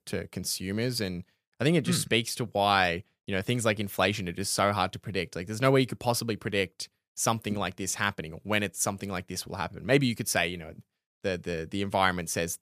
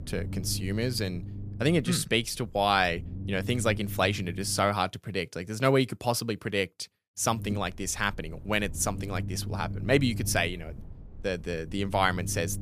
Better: first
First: none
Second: low rumble; faint; until 4.5 s and from 7.5 s on; 20 dB below the speech

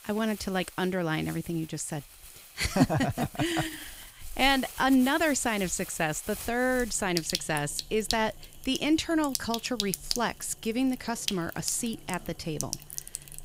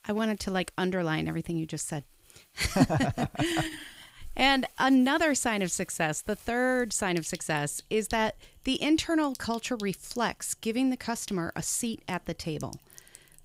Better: second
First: household noises; loud; throughout; 9 dB below the speech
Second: household noises; faint; throughout; 25 dB below the speech

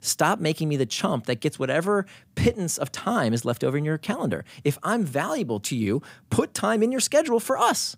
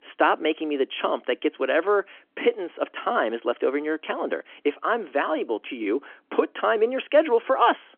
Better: first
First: none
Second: phone-call audio; nothing above 3.5 kHz

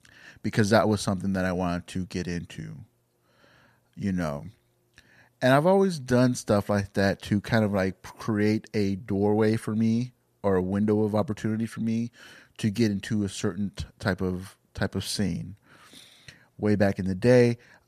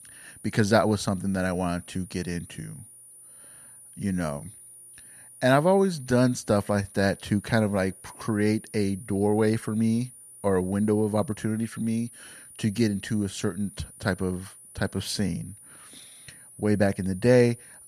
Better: first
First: none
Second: high-pitched whine; noticeable; throughout; 9.5 kHz, 20 dB below the speech

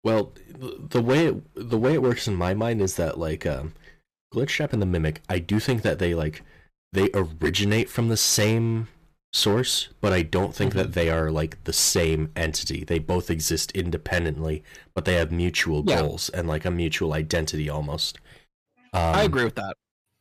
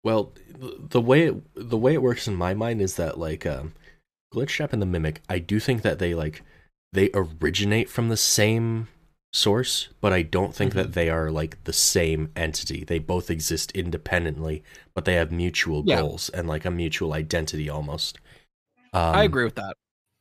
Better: second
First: distortion; slight; 5% of the sound clipped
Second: none

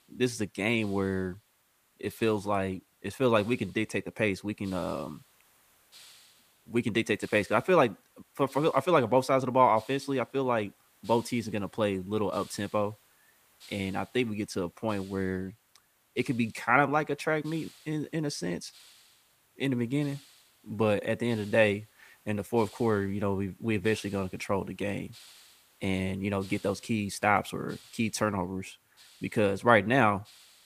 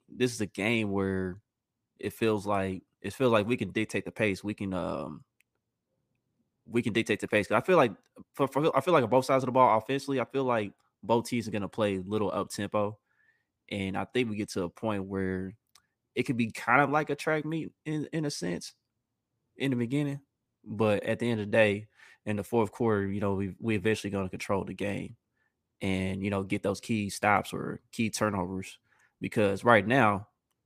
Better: second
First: hiss; faint; throughout; 25 dB below the speech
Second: none

